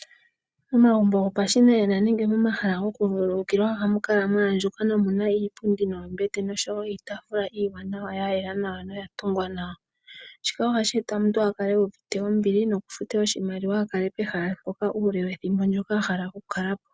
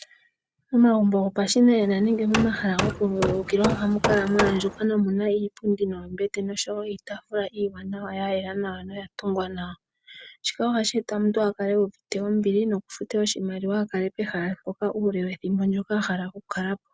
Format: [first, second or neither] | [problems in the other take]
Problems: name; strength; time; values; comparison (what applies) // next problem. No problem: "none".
first | background sound (Hammer); 4 dB below the speech